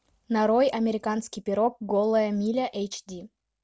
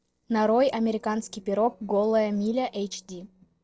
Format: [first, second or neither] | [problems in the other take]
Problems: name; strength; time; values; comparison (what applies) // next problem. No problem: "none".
first | noise reduction (neural separator model SepFormer DNS4)